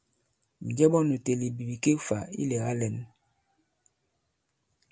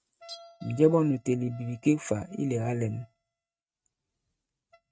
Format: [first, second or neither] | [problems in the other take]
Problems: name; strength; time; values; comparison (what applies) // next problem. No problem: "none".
first | noise reduction (neural mask model RNNoise)